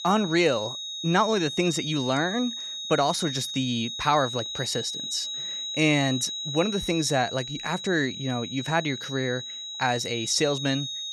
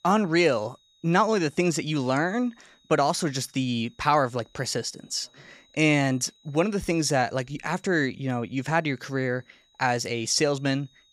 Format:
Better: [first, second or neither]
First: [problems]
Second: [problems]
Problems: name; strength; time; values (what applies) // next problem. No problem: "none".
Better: second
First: high-pitched whine; loud; throughout; 4 kHz, 5 dB below the speech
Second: high-pitched whine; faint; throughout; 4 kHz, 35 dB below the speech